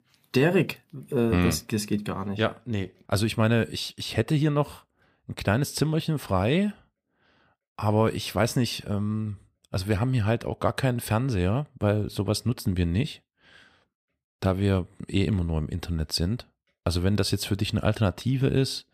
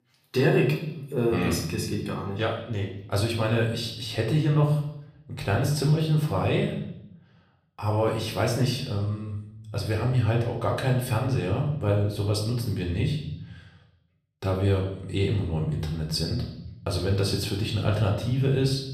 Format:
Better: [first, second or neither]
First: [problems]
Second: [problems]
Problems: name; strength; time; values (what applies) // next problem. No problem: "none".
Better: first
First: none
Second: room echo; noticeable; dies away in 0.7 s // off-mic speech; far